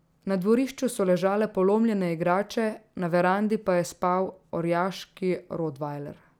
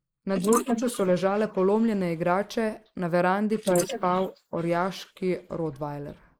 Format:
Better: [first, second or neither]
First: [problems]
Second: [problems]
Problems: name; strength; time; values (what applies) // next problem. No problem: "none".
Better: first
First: none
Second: noise reduction (neural mask model Resemble Enhance denoiser)